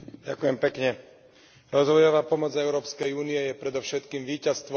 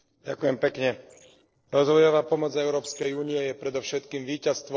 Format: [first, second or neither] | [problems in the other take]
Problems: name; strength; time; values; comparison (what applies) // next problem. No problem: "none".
first | noise reduction (neural separator model SepFormer DNS4)